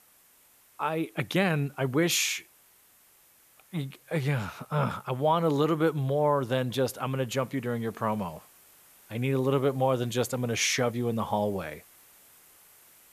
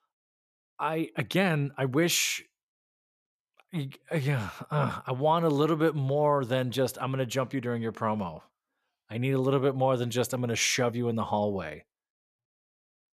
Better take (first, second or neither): second